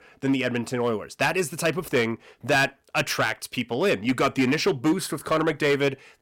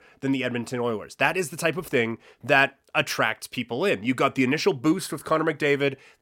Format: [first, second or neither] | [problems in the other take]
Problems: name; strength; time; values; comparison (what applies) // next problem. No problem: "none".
second | distortion; slight; 5% of the sound clipped